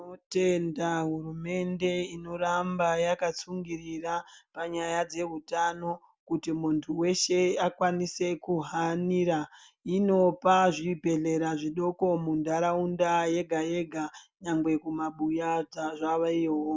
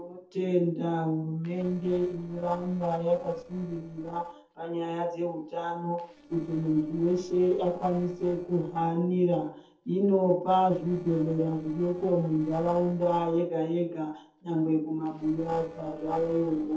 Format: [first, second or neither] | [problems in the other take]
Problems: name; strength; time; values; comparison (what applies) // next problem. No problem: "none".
first | noise reduction (neural separator model SepFormer DNS4)